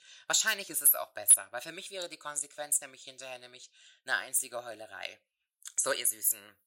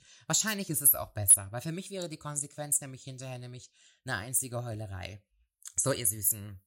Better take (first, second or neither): second